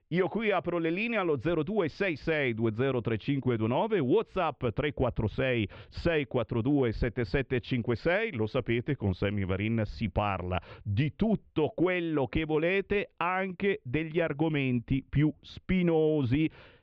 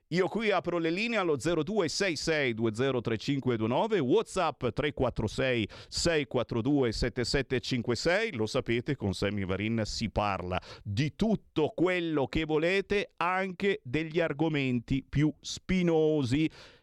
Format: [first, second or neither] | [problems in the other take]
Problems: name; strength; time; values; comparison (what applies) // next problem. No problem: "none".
second | muffled; very; fading above 3 kHz